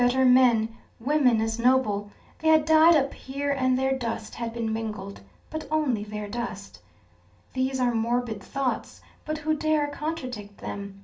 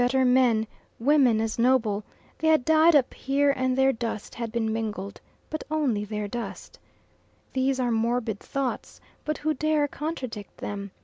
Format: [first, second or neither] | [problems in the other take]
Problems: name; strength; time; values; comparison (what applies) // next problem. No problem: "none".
second | room echo; dies away in 0.3 s